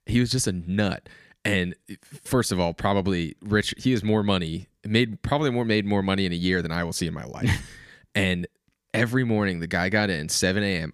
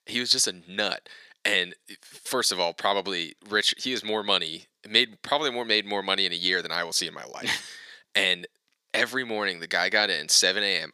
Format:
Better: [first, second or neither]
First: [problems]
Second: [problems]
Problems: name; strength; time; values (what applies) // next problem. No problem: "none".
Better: first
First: none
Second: thin; very; fading below 500 Hz